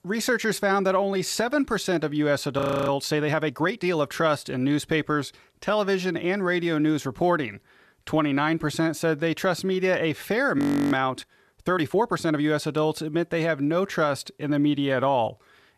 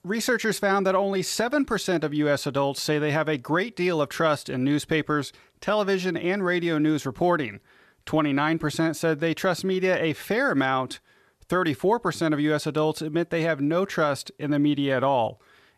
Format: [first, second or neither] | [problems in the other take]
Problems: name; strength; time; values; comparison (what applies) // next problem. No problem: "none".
second | audio freezing; at 2.5 s and at 11 s